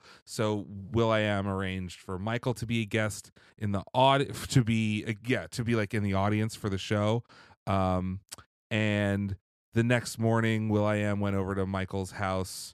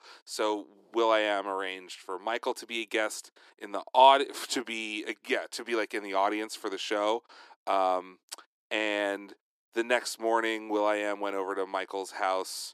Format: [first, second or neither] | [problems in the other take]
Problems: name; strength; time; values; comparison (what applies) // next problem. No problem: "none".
first | thin; very; fading below 300 Hz